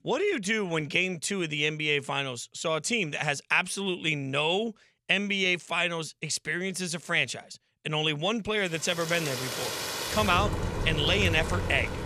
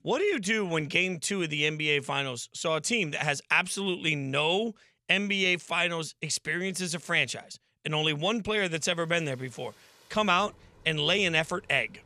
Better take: second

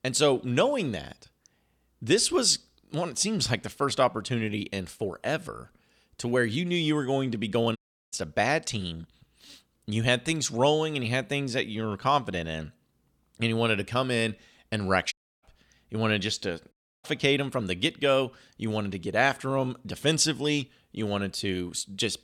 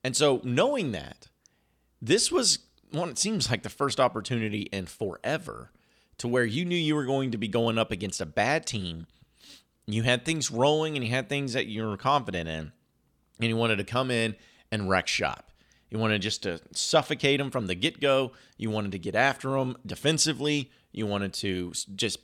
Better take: second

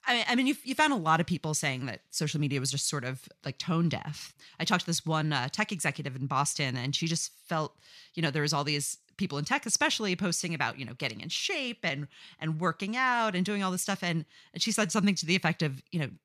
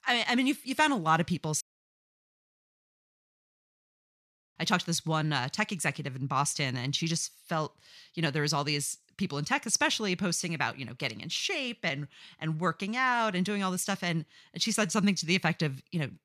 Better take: first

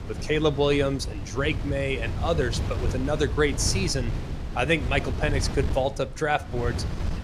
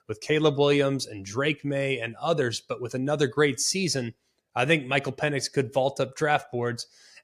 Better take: second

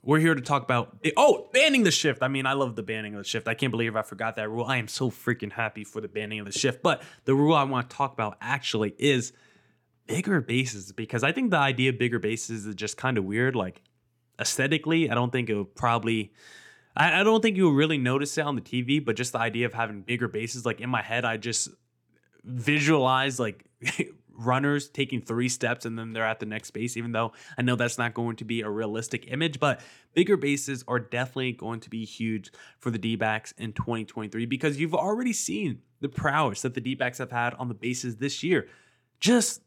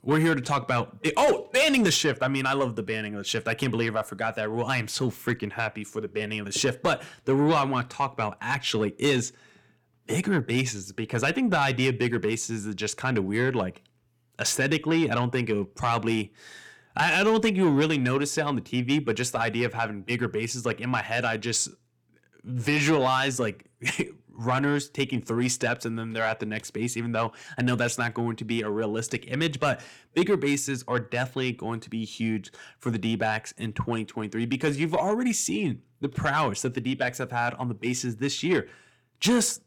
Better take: first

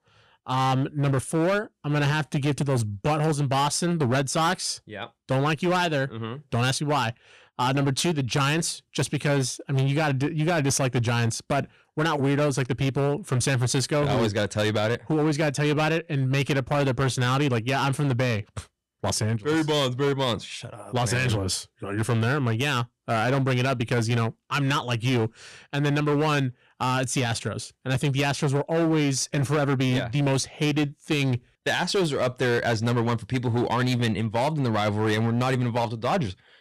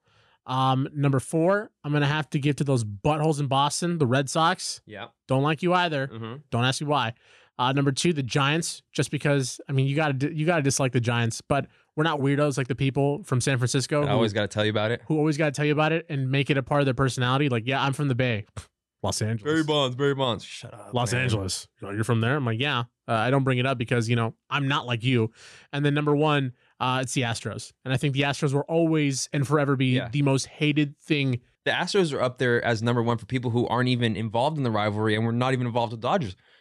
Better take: second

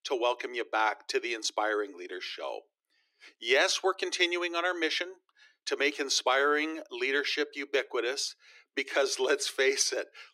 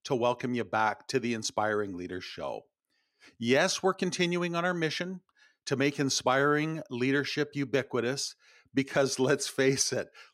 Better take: second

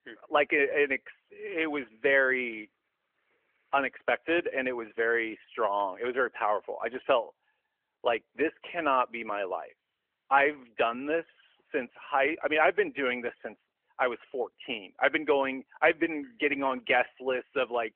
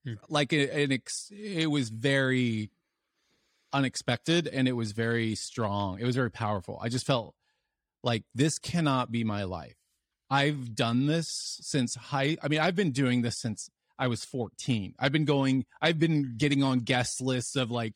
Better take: second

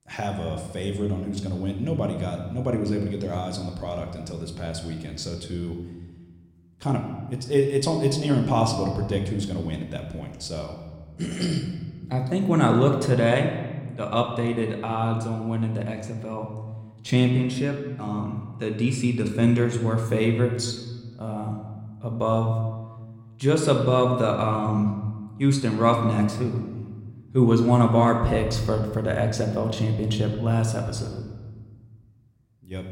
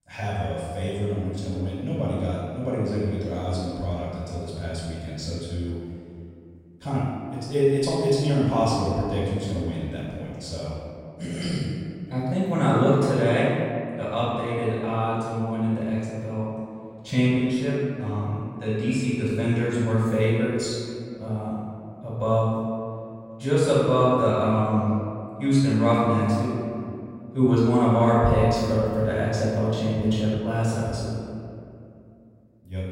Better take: first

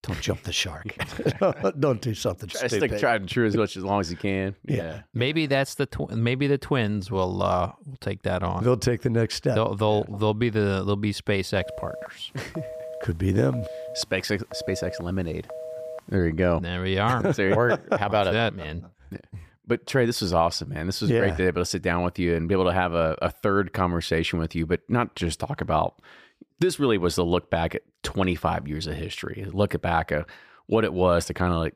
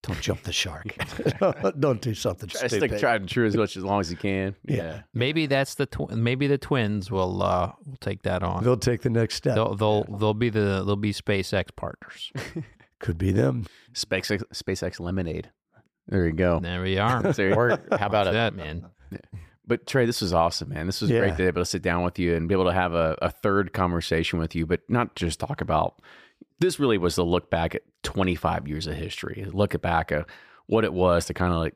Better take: second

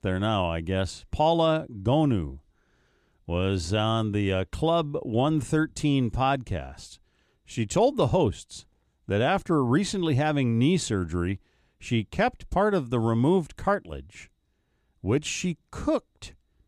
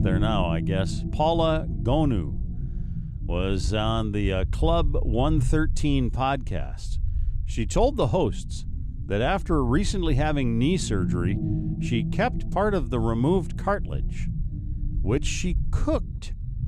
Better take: first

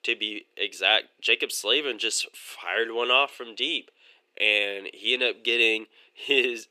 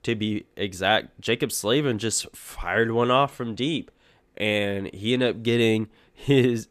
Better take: second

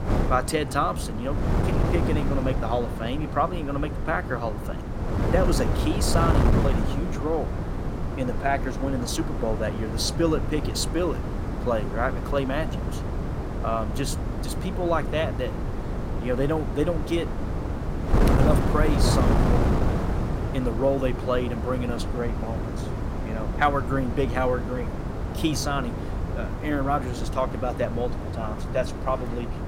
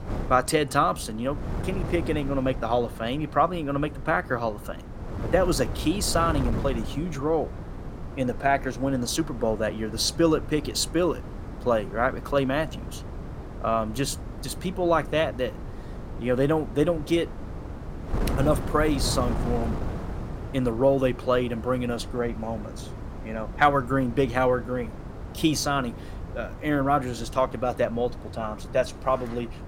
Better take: second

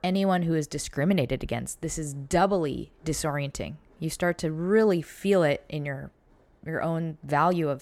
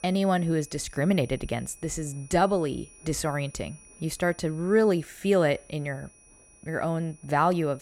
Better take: first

